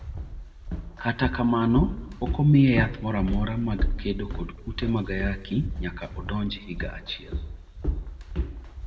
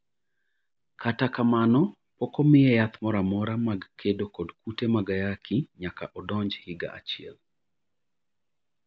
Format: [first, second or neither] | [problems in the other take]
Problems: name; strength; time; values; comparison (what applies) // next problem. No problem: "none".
second | background sound (Walk, footsteps); 5 dB below the speech // room echo; dies away in 1.2 s